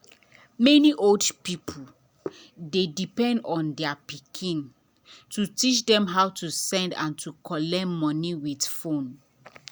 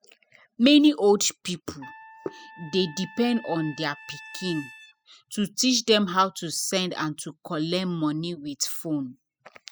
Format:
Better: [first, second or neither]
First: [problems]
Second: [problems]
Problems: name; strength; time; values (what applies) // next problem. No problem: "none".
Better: first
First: none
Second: noise reduction (classical method spectral subtraction)